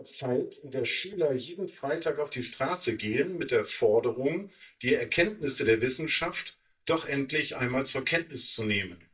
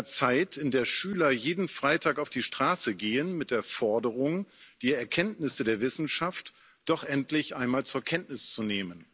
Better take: second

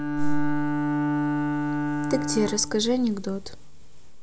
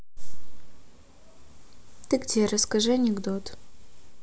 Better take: second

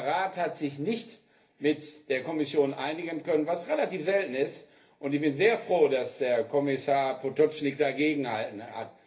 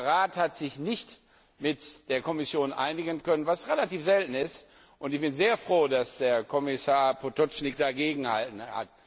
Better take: second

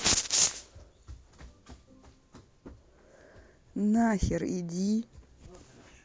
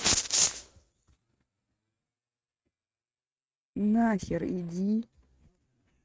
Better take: first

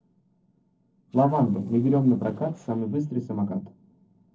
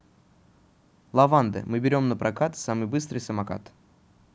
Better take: second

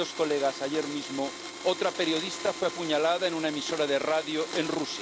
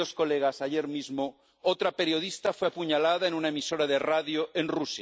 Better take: second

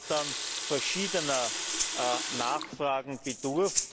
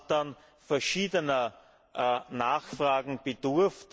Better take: second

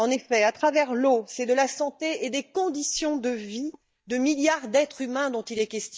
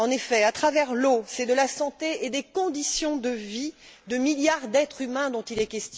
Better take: second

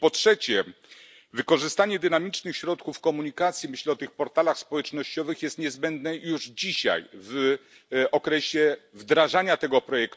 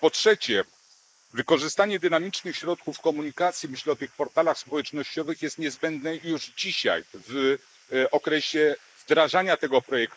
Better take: first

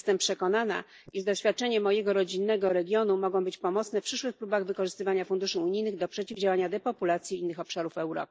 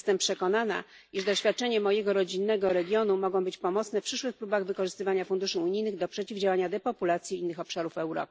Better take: second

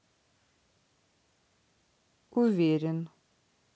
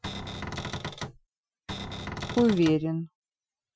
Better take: first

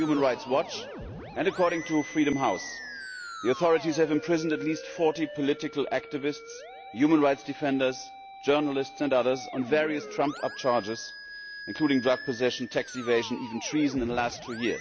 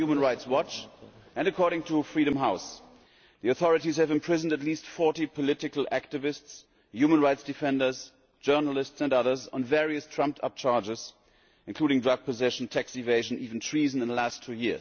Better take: second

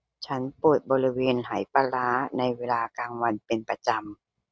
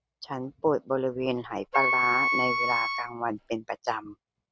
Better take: first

